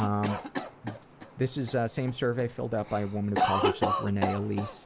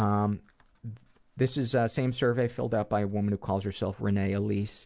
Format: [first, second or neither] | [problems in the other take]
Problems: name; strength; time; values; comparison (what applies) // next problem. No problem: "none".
second | background sound (Cough); 2 dB below the speech